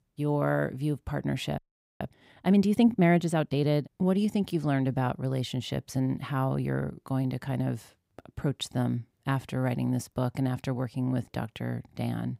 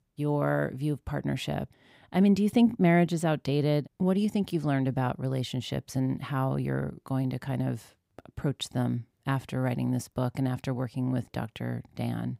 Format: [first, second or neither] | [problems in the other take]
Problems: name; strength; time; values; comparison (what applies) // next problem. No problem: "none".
second | audio freezing; at 1.5 s